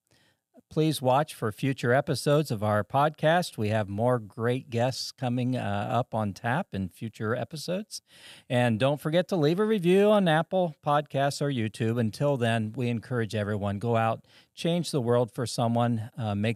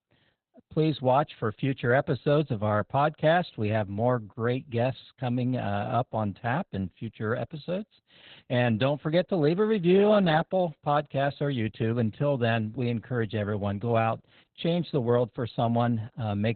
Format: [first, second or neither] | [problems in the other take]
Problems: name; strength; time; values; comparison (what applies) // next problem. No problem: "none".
first | garbled, watery; badly; nothing above 4 kHz